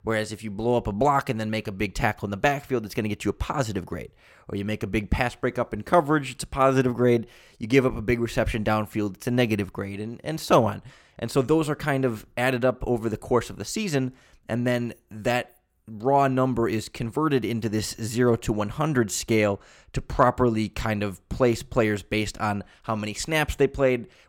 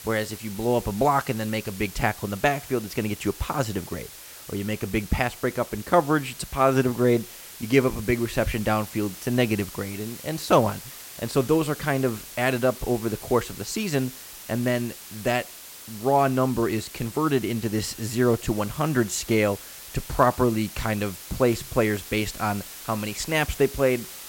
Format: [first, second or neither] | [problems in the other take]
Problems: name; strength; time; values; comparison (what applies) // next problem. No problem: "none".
first | hiss; noticeable; throughout; 15 dB below the speech